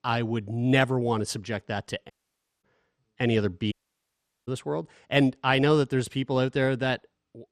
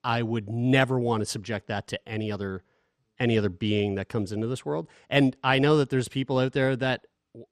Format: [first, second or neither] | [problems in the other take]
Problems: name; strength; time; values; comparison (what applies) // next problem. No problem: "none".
second | audio cutting out; at 2 s for 0.5 s and at 3.5 s for 0.5 s